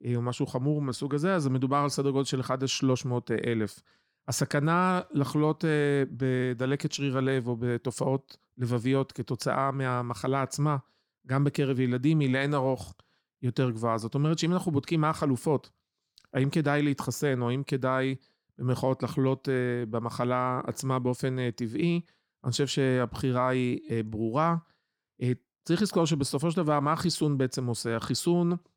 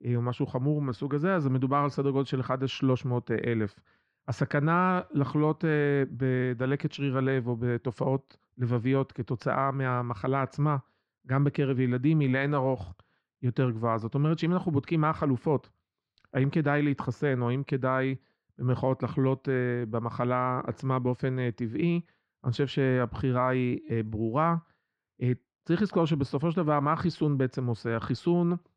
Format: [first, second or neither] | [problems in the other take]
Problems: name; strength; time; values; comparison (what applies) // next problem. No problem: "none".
first | muffled; slightly; fading above 2.5 kHz